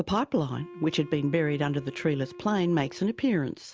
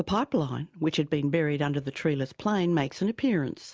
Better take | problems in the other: second | background sound (Wind instrument, woodwind instrument); 19 dB below the speech

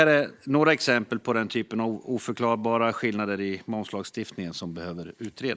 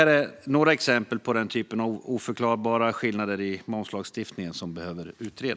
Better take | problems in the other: second | noise reduction (neural mask model Resemble Enhance denoiser)

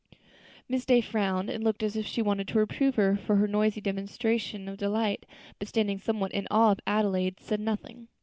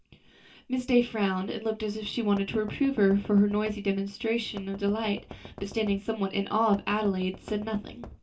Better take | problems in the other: first | background sound (Knock); 18 dB below the speech // room echo; dies away in 0.2 s

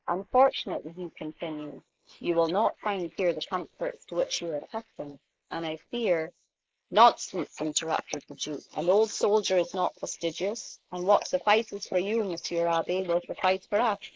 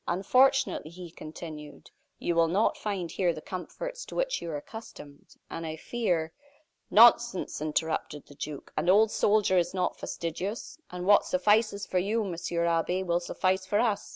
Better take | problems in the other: second | noise reduction (neural mask model Resemble Enhance denoiser)

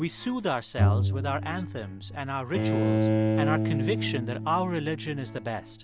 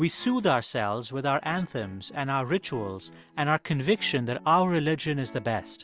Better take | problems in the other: second | background sound (Bowed string instrument + Bowed string instrument); 3 dB above the speech

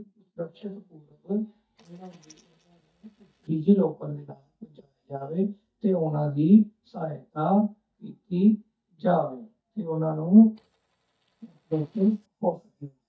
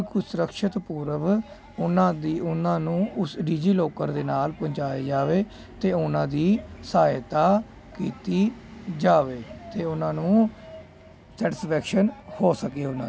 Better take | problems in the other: second | noise reduction (neural mask model DeepFilterNet 3)

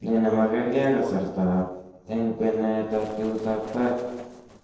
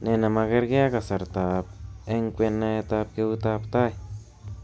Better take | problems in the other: second | noise reduction (neural separator model SepFormer DNS4)

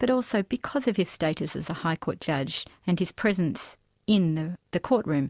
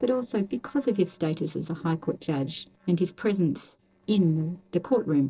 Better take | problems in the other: first | noise reduction (neural separator model SepFormer DNS4)

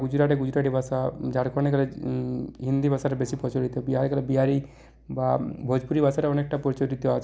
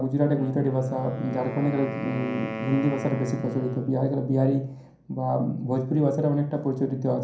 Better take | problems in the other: first | background sound (Wind instrument, woodwind instrument); 13 dB below the speech // room echo; dies away in 0.6 s

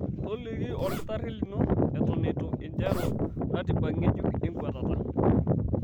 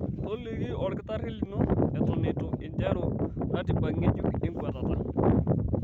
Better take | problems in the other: second | background sound (Zipper (clothing)); 11 dB below the speech

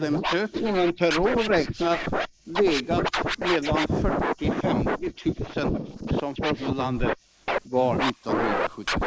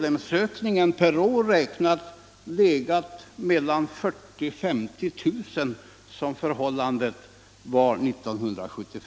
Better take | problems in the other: second | noise reduction (neural mask model Resemble Enhance denoiser)

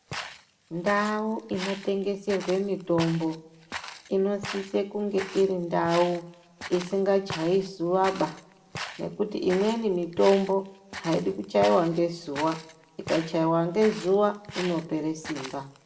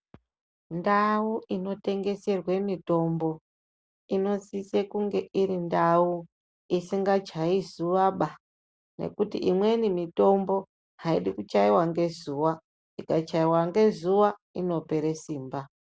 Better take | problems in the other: second | background sound (Walk, footsteps); 14 dB below the speech // room echo; dies away in 0.5 s

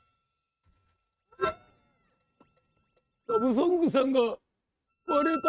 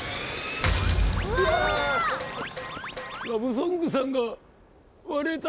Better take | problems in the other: second | noise reduction (neural mask model RNNoise)

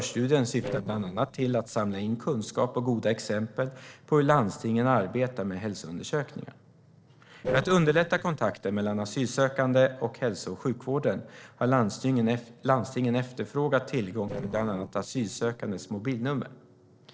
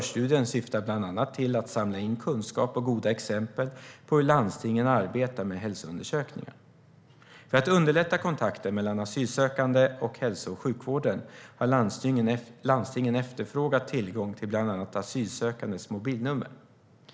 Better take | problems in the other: second | noise reduction (neural separator model SepFormer DNS4)

